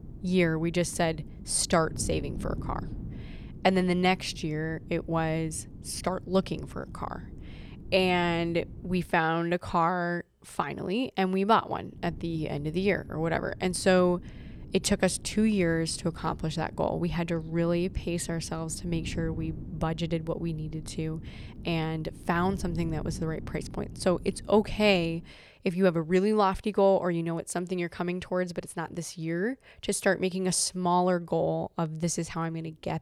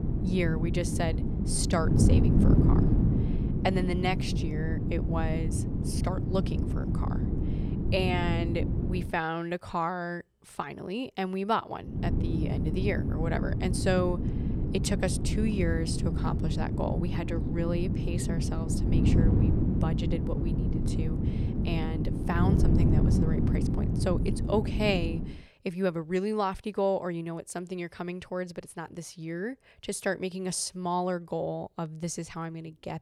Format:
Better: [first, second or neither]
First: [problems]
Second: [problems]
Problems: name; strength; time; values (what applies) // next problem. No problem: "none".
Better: first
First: wind noise on the microphone; occasional gusts; until 9 s and from 12 to 25 s; 20 dB below the speech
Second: wind noise on the microphone; heavy; until 9 s and from 12 to 25 s; 4 dB below the speech